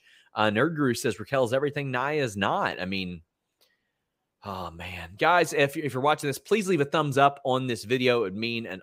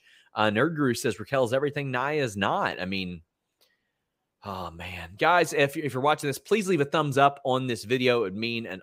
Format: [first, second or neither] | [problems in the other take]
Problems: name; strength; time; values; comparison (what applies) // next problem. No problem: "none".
neither | none